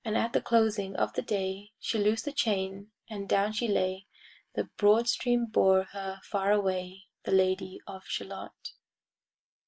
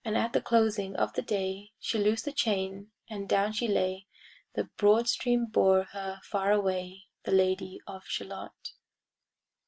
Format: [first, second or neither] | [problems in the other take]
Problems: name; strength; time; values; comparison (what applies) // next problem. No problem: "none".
second | noise reduction (neural mask model Resemble Enhance denoiser)